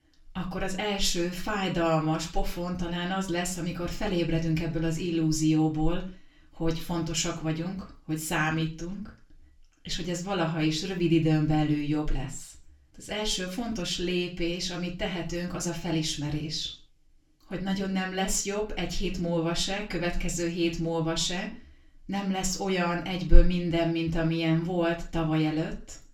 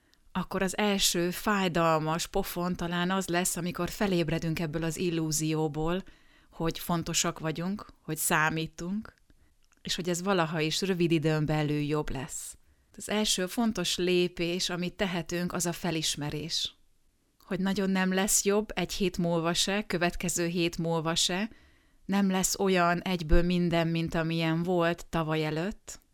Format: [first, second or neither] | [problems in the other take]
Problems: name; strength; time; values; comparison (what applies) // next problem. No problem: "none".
second | room echo; slight; dies away in 0.3 s // off-mic speech; far